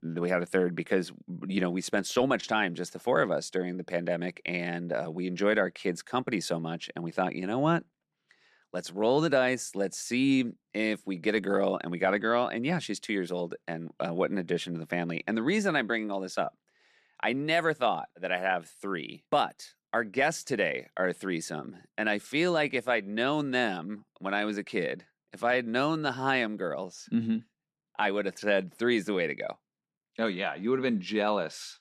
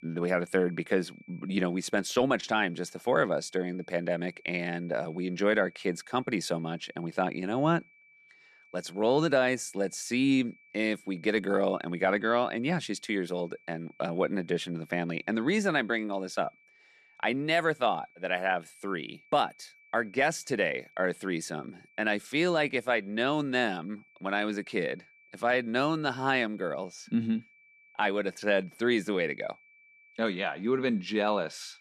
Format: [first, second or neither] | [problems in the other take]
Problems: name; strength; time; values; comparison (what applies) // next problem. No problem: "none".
first | high-pitched whine; faint; throughout; 2.5 kHz, 30 dB below the speech